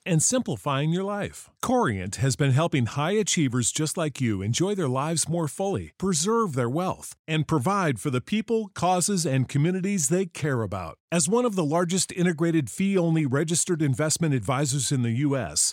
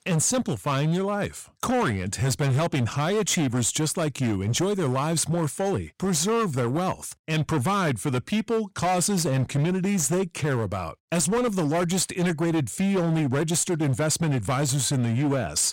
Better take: first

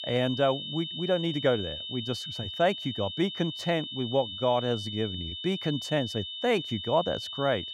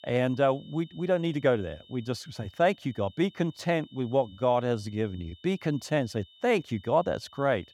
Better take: second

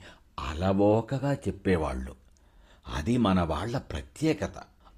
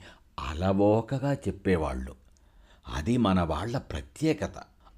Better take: second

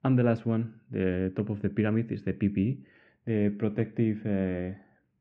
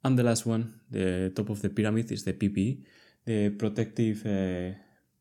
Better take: second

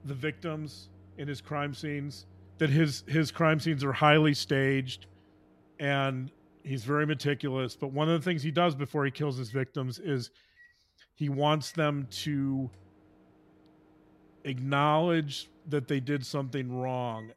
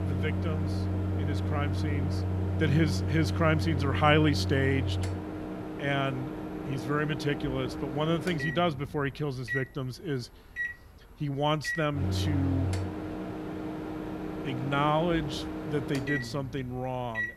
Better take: first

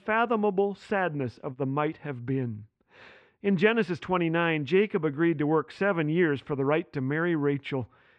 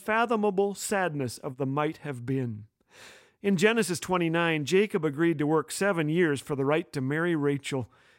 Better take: second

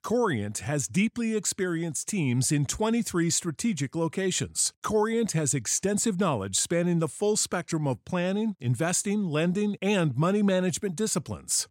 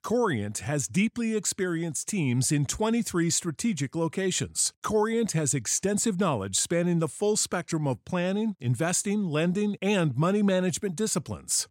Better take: neither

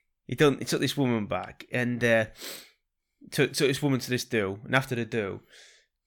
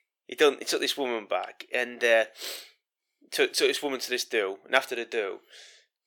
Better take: first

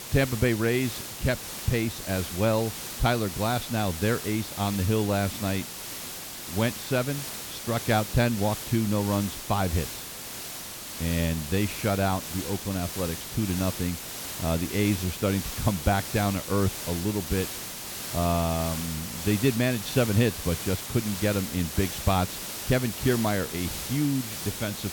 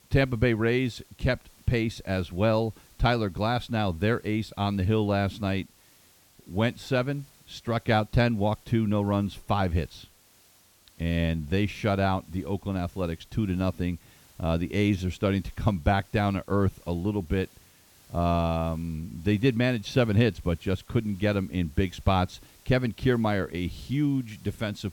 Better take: second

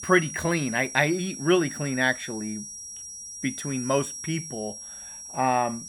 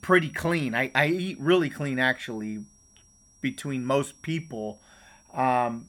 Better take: second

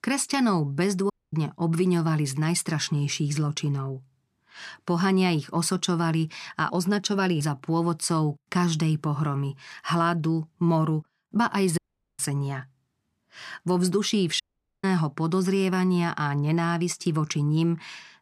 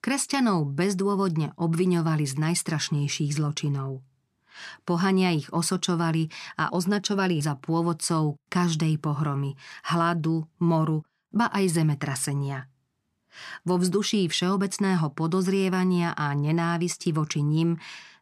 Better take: second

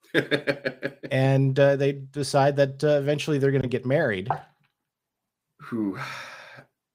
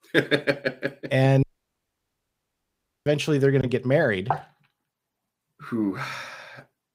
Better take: first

